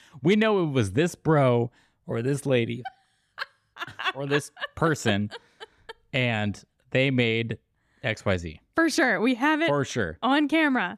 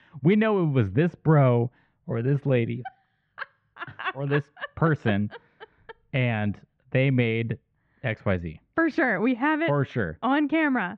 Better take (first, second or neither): first